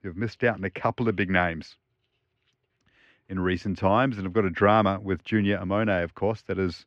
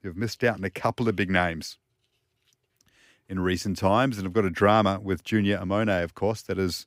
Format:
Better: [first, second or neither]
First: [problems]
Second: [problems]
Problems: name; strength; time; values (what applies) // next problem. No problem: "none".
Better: second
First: muffled; slightly; fading above 2.5 kHz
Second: none